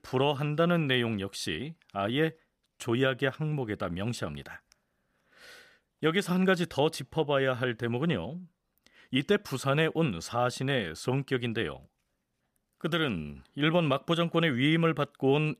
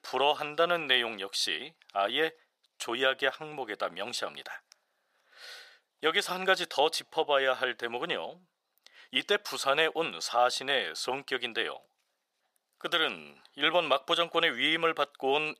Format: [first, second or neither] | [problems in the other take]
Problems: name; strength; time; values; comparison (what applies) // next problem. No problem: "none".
first | thin; very; fading below 650 Hz